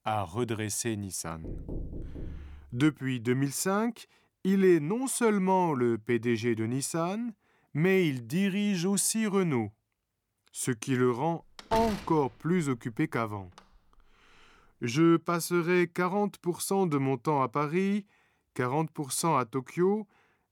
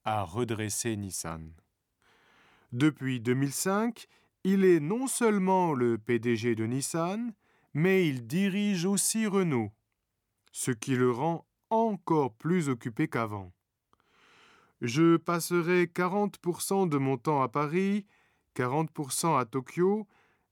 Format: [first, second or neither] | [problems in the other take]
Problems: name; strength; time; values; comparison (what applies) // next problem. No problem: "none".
second | door banging; faint; from 1.5 to 2.5 s; peak 10 dB below the speech // door banging; noticeable; from 12 to 14 s; peak 7 dB below the speech